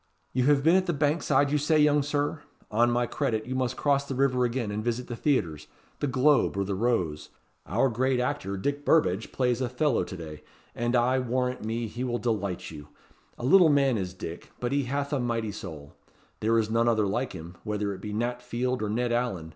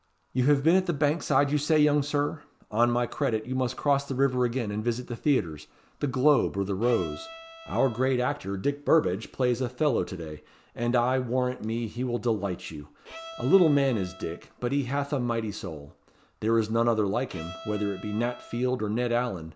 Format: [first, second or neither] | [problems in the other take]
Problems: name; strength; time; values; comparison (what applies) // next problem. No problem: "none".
first | background sound (Bowed string instrument); 17 dB below the speech